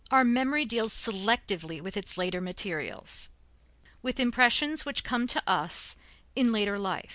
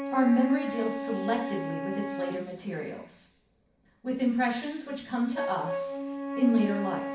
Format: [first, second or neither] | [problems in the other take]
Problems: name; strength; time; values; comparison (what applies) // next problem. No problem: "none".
first | background sound (Wind instrument, woodwind instrument); 6 dB below the speech // room echo; dies away in 0.6 s